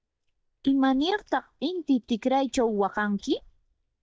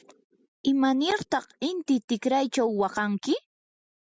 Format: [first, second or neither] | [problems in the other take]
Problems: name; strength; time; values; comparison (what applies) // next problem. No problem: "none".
second | noise reduction (neural mask model DeepFilterNet 3)